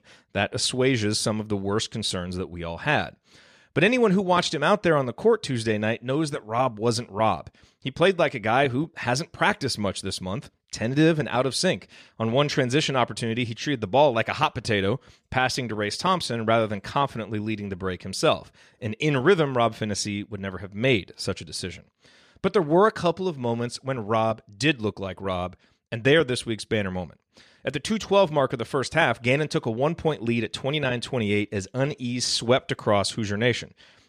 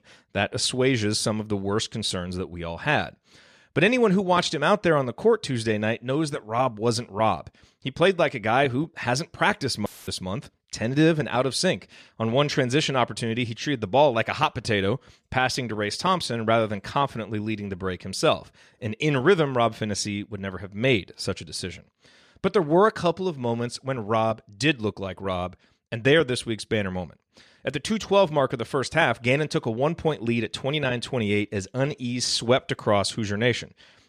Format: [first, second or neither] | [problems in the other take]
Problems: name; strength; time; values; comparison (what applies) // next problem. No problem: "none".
first | audio cutting out; filled with static; at 10 s